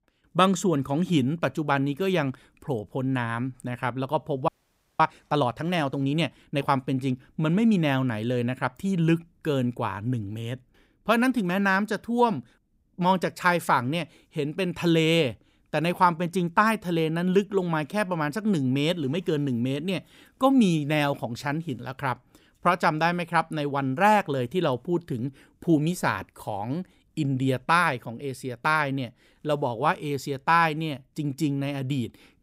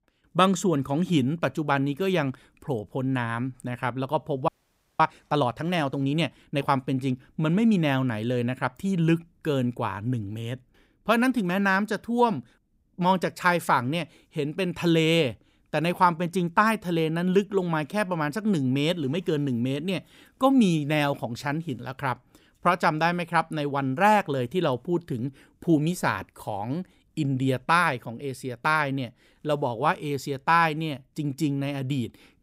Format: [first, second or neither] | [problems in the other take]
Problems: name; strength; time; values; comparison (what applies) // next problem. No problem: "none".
neither | audio freezing; at 4.5 s for 0.5 s; the same in both